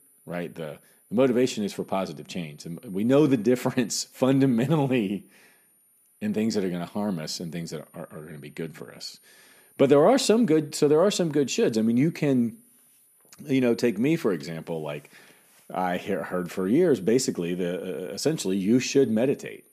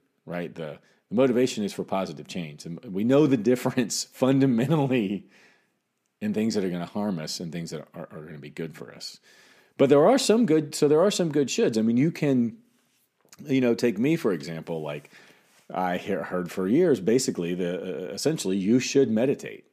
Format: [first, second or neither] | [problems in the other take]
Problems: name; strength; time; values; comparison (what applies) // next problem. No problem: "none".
second | high-pitched whine; faint; throughout; 9.5 kHz, 30 dB below the speech